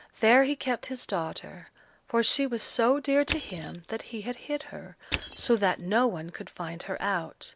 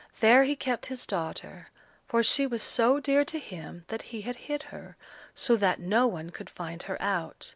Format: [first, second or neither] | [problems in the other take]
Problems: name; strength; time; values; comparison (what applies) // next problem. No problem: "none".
second | background sound (Crushing); 11 dB below the speech